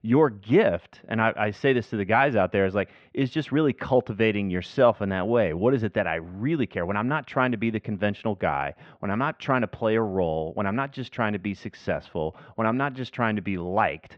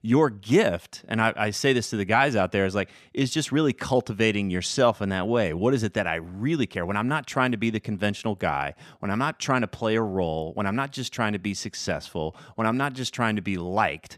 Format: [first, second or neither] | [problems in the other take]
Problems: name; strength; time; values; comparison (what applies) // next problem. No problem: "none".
second | muffled; very; fading above 3 kHz